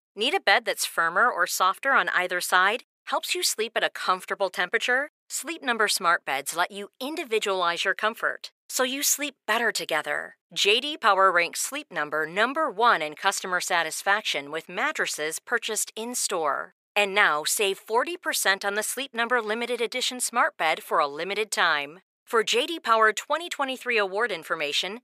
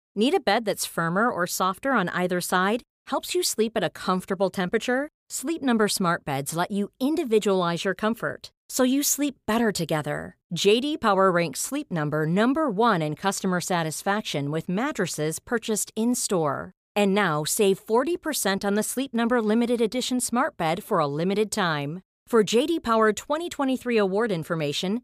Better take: second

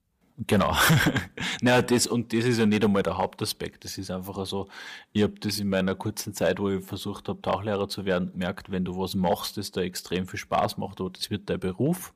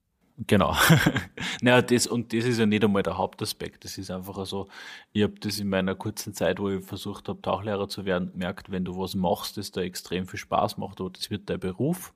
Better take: second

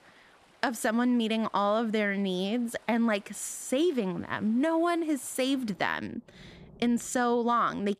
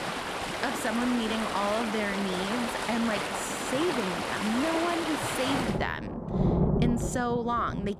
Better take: first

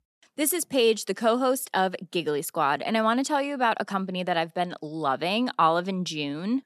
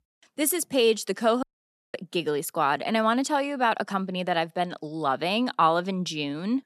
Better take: first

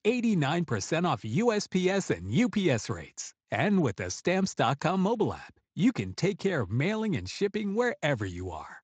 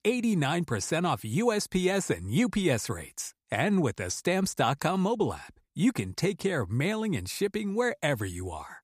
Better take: second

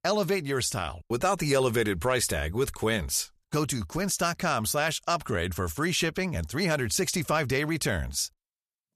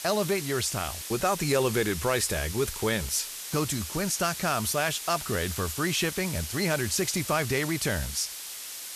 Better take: first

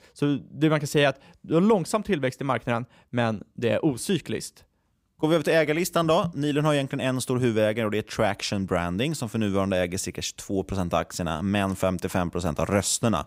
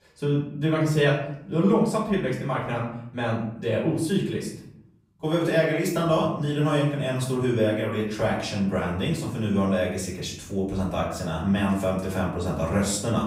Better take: first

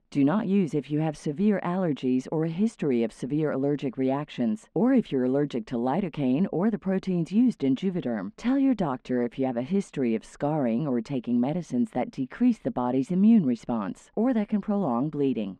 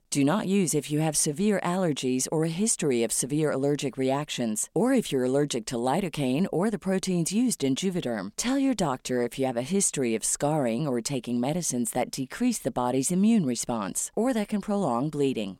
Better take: second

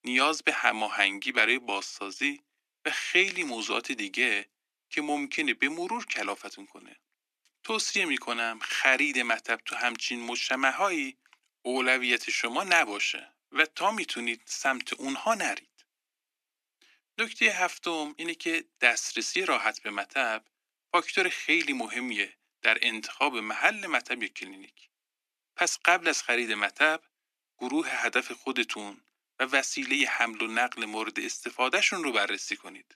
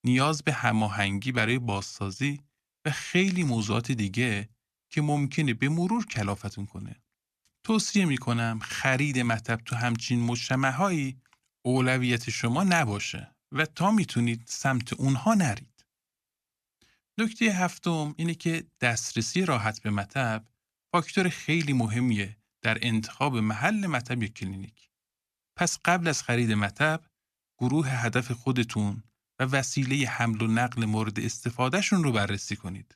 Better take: second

